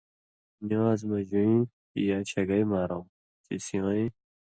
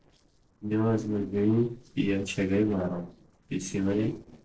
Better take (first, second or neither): first